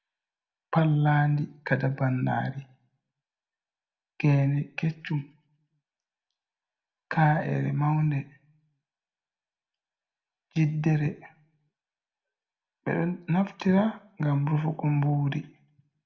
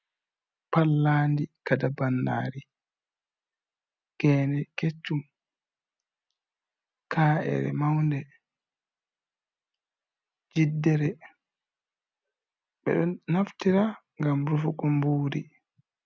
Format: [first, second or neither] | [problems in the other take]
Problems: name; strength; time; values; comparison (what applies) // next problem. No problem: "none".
second | room echo; dies away in 0.5 s